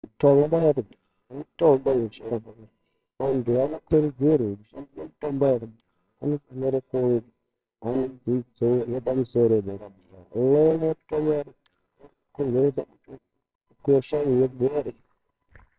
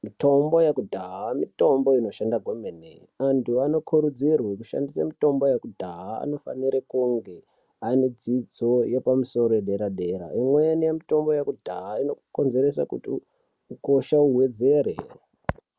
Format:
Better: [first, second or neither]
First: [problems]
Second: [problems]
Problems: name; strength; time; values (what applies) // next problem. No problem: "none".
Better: second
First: noise reduction (neural separator model SepFormer WHAMR!)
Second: none